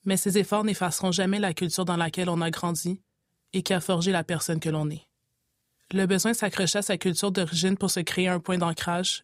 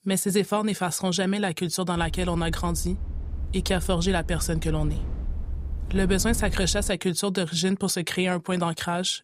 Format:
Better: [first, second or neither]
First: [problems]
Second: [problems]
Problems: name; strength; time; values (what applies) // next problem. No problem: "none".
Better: first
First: none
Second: low rumble; faint; from 2 to 7 s; 20 dB below the speech